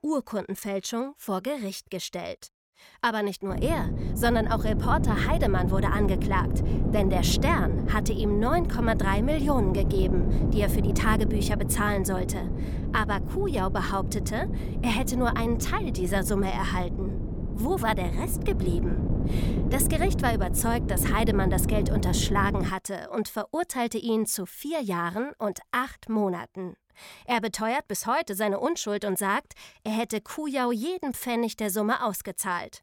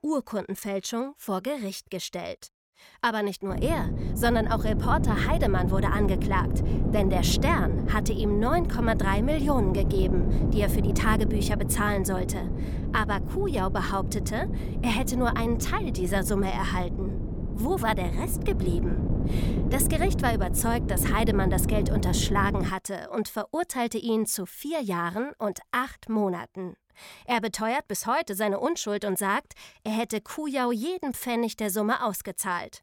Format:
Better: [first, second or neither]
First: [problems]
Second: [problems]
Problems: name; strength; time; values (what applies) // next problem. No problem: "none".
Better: neither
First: wind noise on the microphone; heavy; from 3.5 to 23 s; 9 dB below the speech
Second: wind noise on the microphone; heavy; from 3.5 to 23 s; 9 dB below the speech